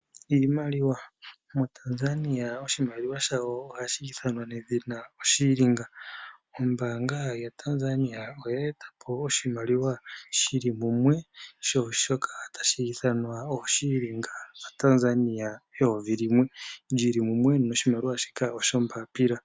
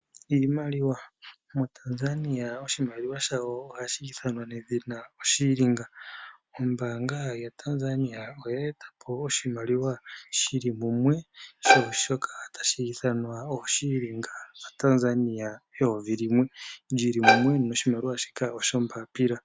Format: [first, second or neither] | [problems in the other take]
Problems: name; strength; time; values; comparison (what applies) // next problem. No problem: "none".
first | background sound (Bowed string instrument); 3 dB above the speech